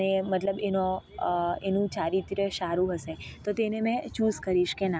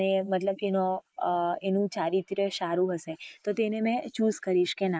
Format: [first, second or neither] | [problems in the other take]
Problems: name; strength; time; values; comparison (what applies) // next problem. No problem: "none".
first | noise reduction (neural mask model Resemble Enhance denoiser)